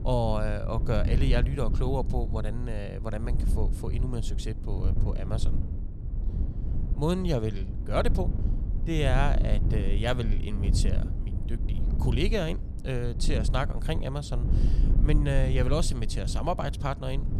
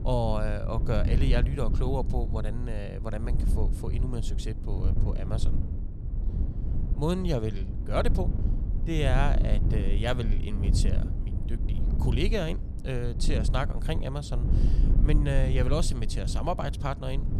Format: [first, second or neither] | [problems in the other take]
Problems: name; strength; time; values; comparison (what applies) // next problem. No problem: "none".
first | wind noise on the microphone; heavy; 10 dB below the speech; occasional gusts in the first